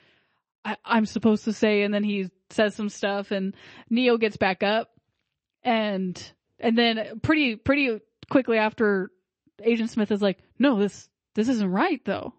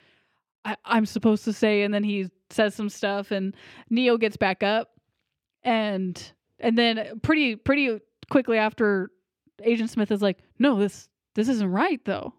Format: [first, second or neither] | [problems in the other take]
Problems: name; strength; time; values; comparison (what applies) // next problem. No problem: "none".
second | garbled, watery; slightly; nothing above 8 kHz